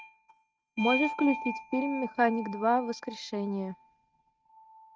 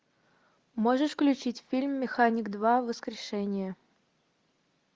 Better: second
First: noise reduction (neural mask model RNNoise)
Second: none

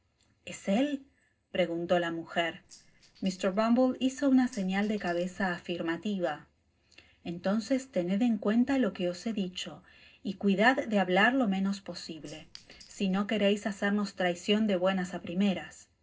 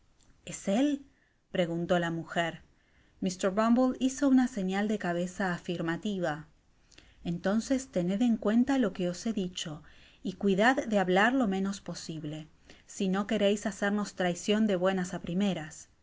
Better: second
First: noise reduction (neural separator model SepFormer DNS4)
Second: none

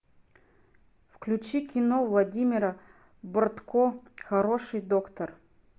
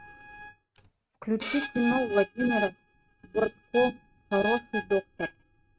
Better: first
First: none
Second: noise reduction (neural mask model RNNoise)

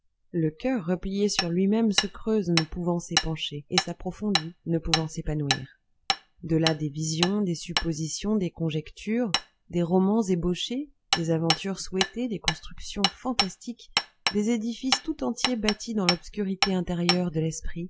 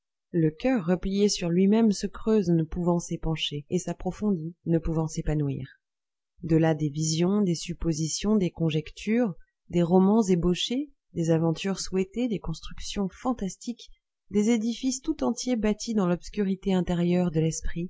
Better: second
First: background sound (Hammer); 5 dB below the speech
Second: none

